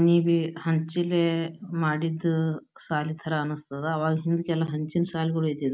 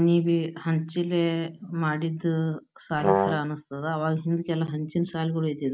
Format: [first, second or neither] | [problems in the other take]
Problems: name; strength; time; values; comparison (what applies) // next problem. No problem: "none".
first | background sound (Brass instrument); 2 dB above the speech